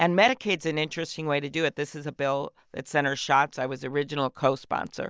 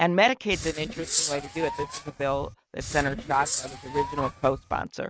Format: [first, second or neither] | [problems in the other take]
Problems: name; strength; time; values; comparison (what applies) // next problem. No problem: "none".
first | noise reduction (neural mask model RNNoise)